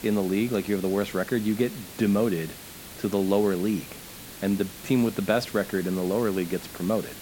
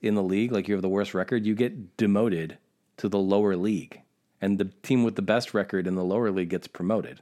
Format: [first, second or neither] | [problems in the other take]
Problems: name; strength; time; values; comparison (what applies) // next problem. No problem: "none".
second | hiss; noticeable; throughout; 15 dB below the speech